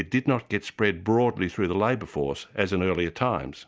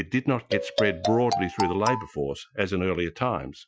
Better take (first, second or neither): first